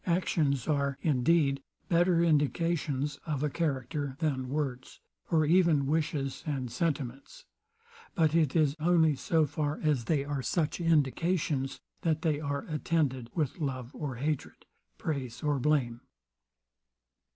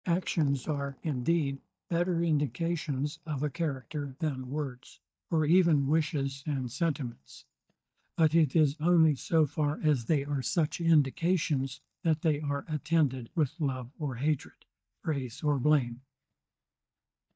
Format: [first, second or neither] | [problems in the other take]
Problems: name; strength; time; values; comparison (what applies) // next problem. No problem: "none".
first | noise reduction (neural mask model DeepFilterNet 3)